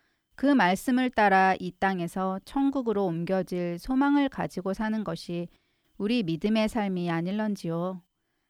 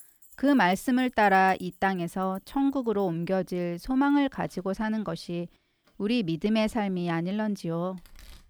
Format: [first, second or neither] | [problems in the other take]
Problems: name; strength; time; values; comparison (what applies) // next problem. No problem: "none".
first | household noises; faint; throughout; 30 dB below the speech